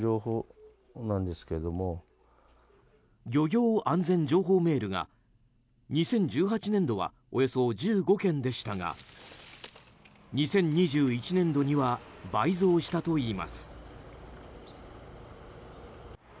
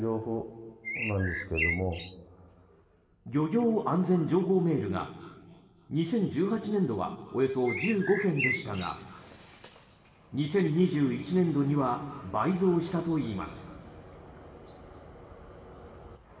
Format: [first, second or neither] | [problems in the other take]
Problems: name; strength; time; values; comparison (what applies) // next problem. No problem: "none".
first | background sound (Bird); 5 dB below the speech // room echo; dies away in 2.2 s